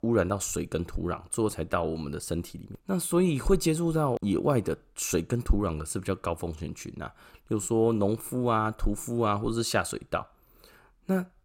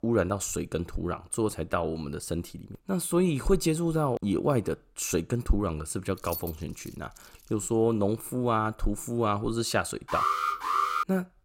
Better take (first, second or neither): first